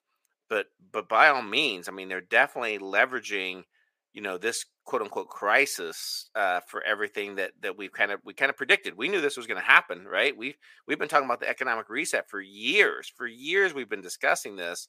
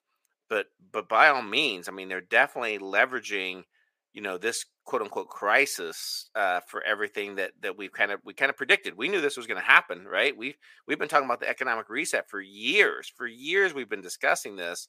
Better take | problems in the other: neither | thin; somewhat; fading below 450 Hz; the same in both

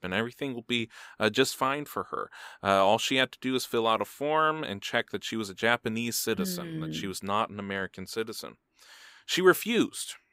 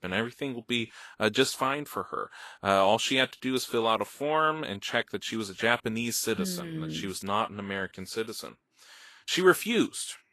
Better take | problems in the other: first | garbled, watery; slightly; nothing above 12.5 kHz

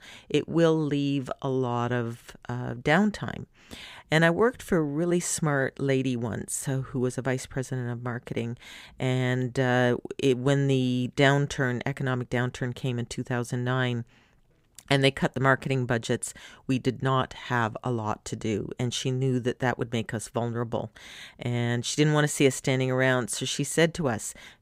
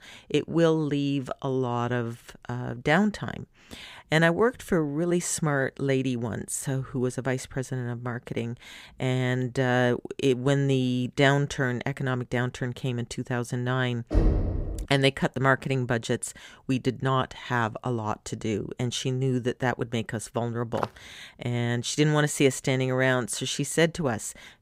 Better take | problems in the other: first | door banging; loud; at 14 s; peak 2 dB above the speech // footsteps; noticeable; at 21 s; peak 9 dB below the speech

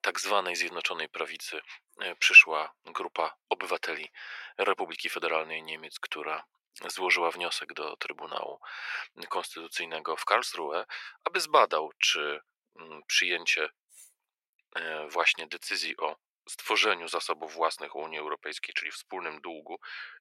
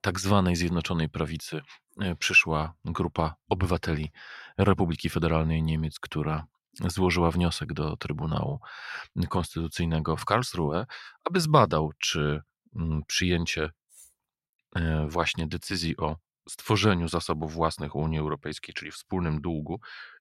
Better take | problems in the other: second | thin; very; fading below 450 Hz

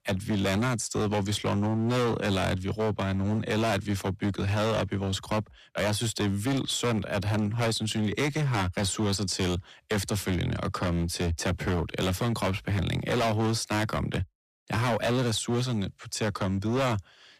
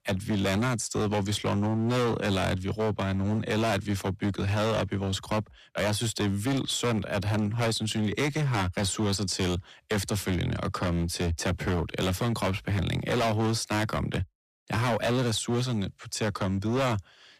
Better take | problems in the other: neither | distortion; heavy; 21% of the sound clipped; the same in both

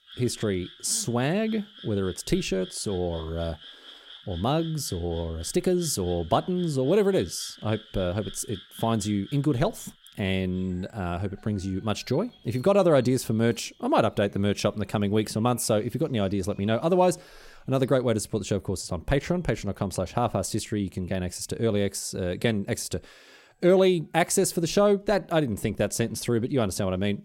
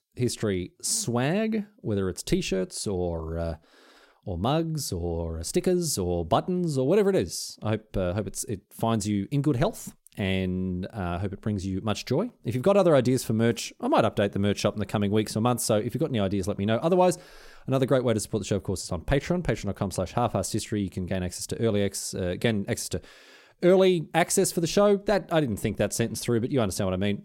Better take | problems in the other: second | animal sounds; faint; throughout; 20 dB below the speech

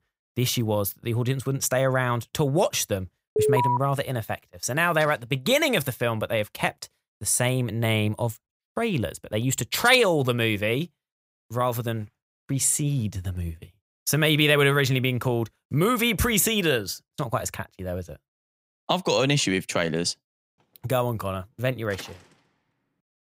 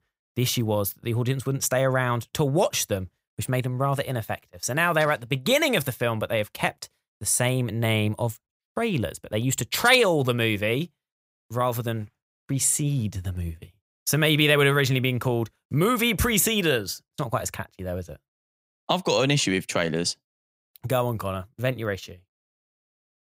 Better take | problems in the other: second | alarm; loud; at 3.5 s; peak 2 dB above the speech // door banging; faint; at 22 s; peak 20 dB below the speech

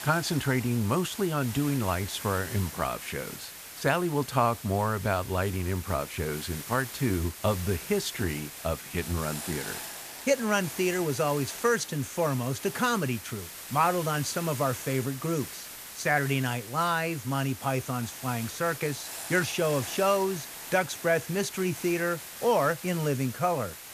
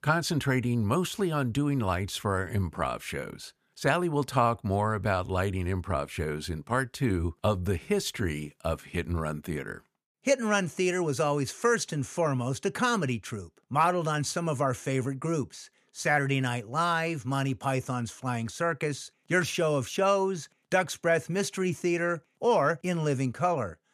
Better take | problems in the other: second | hiss; noticeable; throughout; 10 dB below the speech

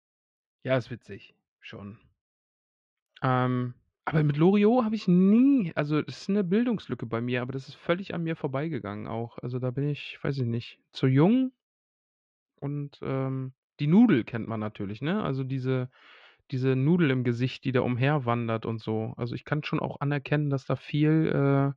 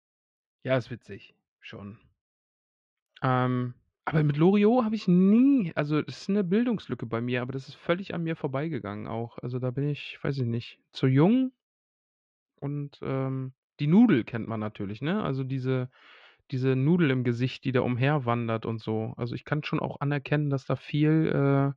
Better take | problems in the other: neither | muffled; slightly; fading above 3 kHz; the same in both

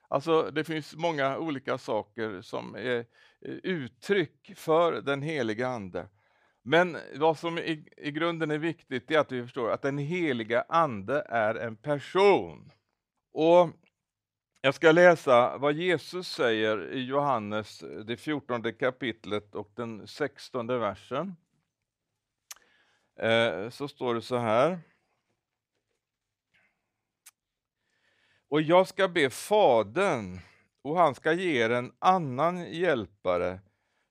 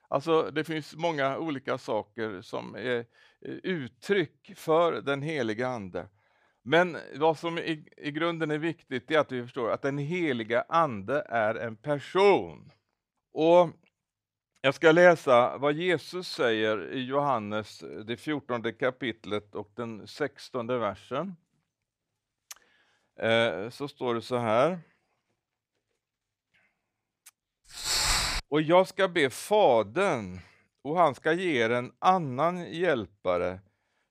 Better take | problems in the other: first | footsteps; loud; at 28 s; peak 4 dB above the speech

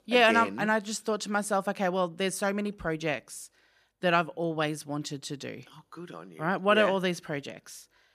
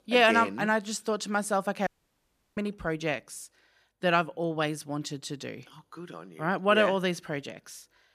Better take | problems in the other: first | audio cutting out; at 2 s for 0.5 s

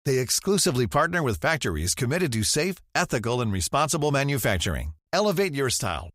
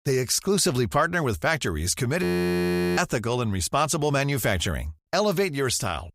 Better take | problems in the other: first | audio freezing; at 2 s for 0.5 s

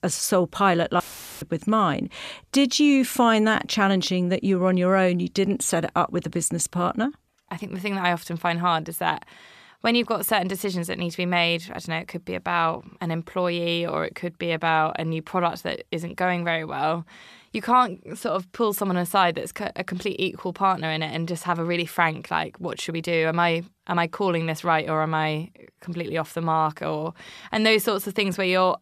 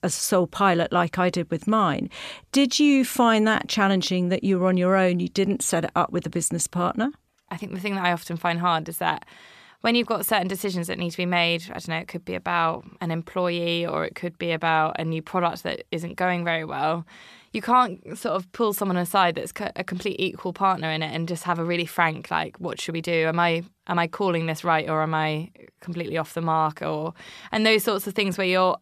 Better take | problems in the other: second | audio cutting out; filled with static; at 1 s

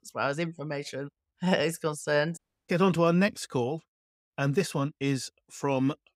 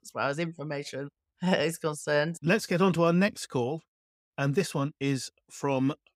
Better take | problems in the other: second | audio cutting out; at 2.5 s

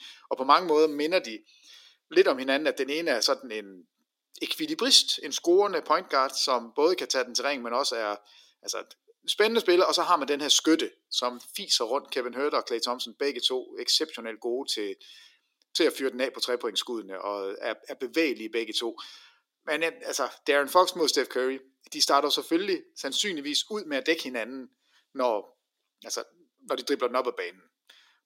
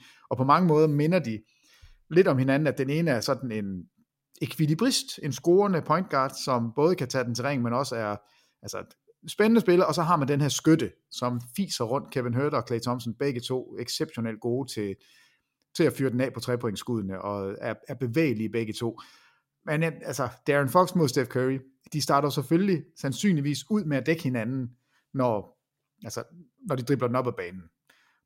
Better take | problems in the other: second | thin; somewhat; fading below 300 Hz

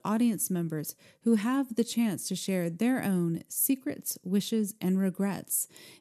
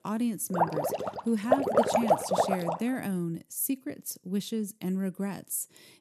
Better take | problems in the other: first | rain or running water; very loud; until 2.5 s; 4 dB above the speech

